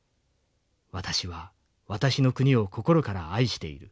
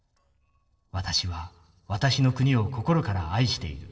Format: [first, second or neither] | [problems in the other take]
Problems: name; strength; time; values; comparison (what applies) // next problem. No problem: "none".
first | noise reduction (neural separator model SepFormer DNS4)